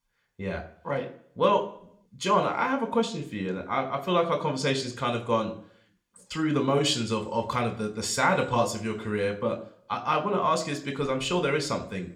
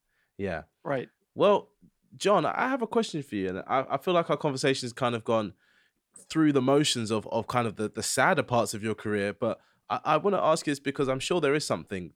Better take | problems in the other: second | room echo; very slight; dies away in 0.4 s

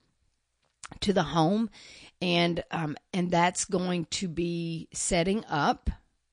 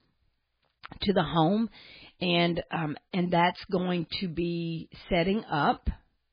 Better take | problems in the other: first | garbled, watery; badly; nothing above 4.5 kHz; slightly in the first

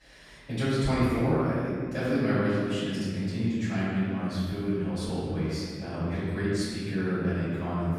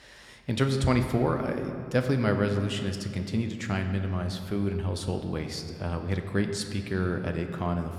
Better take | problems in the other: second | room echo; strong; dies away in 2.1 s; slight in the second // off-mic speech; far

